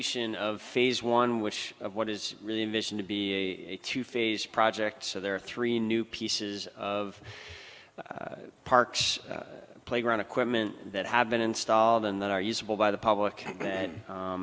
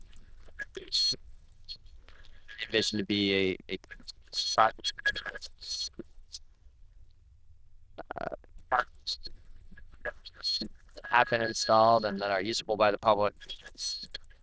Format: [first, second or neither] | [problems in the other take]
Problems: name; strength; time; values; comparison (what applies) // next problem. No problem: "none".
first | noise reduction (neural diffusion model UNIVERSE++)